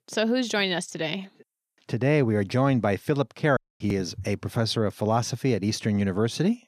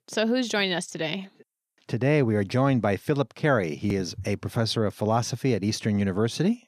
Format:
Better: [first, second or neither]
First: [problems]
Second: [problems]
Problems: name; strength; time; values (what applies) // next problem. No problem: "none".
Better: second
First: audio cutting out; at 3.5 s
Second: none